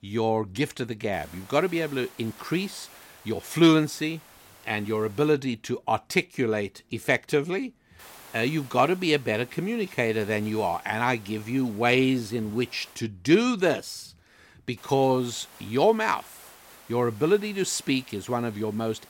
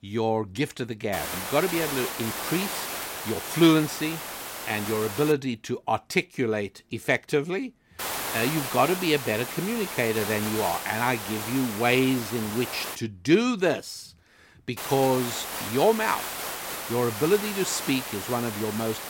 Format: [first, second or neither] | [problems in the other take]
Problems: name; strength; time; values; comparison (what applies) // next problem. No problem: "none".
first | hiss; loud; from 1 to 5.5 s, from 8 to 13 s and from 15 s on; 6 dB below the speech; faint in the first